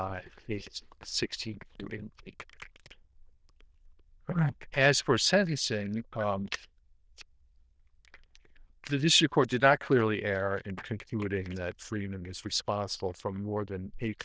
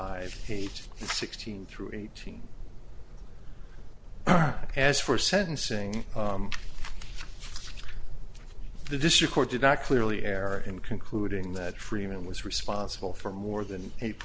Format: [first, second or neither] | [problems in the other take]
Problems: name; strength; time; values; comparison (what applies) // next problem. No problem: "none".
second | noise reduction (neural diffusion model UNIVERSE++)